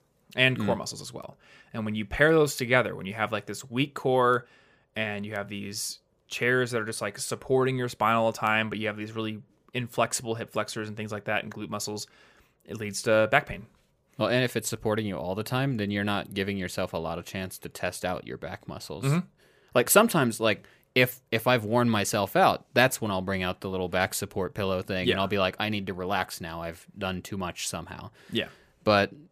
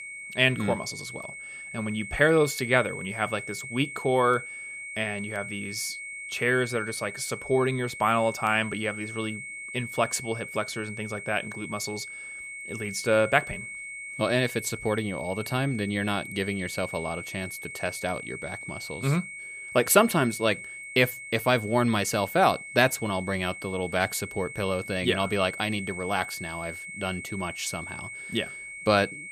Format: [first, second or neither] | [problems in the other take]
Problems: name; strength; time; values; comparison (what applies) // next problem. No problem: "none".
first | high-pitched whine; loud; throughout; 2 kHz, 10 dB below the speech